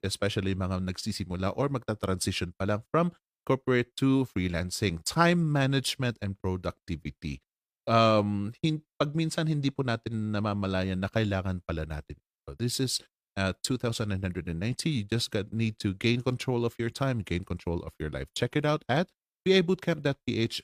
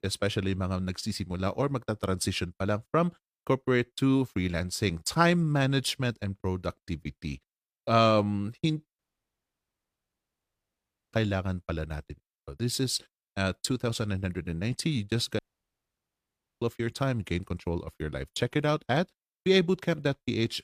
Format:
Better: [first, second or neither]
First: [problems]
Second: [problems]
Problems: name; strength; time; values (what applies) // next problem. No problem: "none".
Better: first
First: none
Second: audio cutting out; at 9 s for 2 s and at 15 s for 1 s